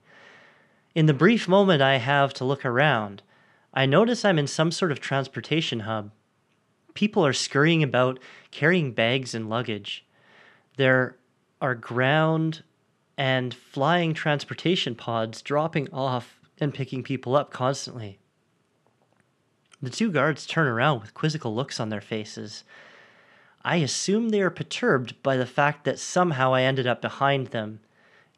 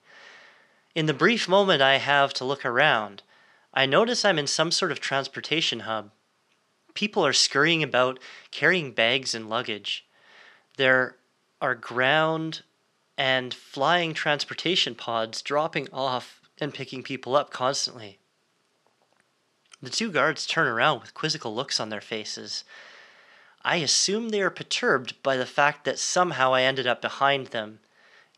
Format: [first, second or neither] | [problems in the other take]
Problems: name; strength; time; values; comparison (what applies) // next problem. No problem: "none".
first | thin; somewhat; fading below 1 kHz